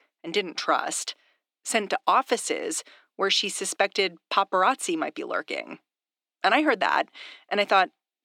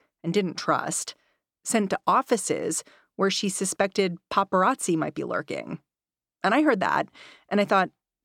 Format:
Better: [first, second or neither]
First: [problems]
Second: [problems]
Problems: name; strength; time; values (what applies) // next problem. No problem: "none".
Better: second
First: thin; somewhat; fading below 250 Hz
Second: none